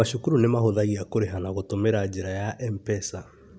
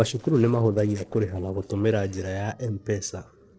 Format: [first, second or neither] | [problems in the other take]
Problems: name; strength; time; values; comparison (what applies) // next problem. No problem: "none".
first | noise reduction (neural separator model SepFormer DNS4)